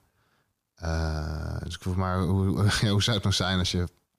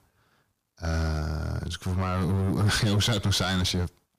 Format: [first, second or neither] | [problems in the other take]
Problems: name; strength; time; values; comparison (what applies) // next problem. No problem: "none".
first | distortion; slight; 9% of the sound clipped